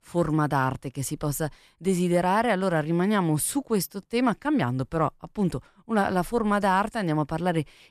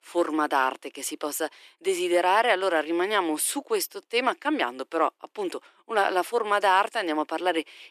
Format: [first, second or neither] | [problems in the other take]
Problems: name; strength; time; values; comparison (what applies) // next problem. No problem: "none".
first | thin; very; fading below 350 Hz